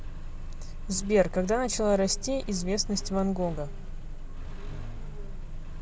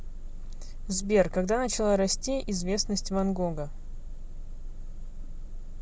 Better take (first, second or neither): second